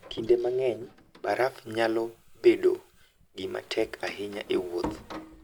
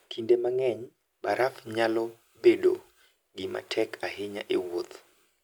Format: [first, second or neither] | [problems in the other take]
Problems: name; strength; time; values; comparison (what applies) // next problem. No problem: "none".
second | background sound (Door); 16 dB below the speech